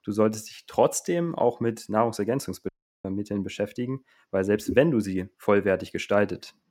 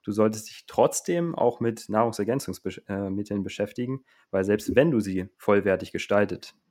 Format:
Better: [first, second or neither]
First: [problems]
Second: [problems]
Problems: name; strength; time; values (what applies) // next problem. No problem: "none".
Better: second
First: audio cutting out; at 2.5 s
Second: none